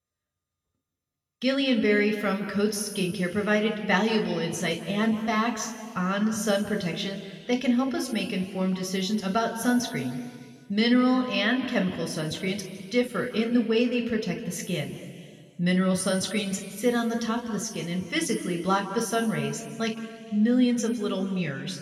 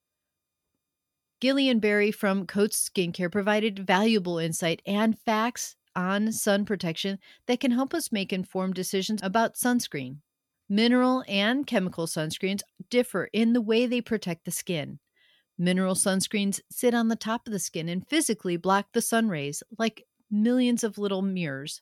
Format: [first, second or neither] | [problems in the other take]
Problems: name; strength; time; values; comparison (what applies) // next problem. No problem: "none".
second | room echo; noticeable; dies away in 2.1 s // off-mic speech; somewhat distant